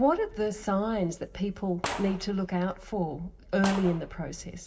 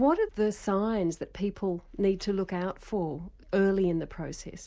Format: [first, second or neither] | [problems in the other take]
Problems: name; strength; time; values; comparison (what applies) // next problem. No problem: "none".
second | background sound (Gunshot, gunfire); 13 dB below the speech // room echo; dies away in 0.7 s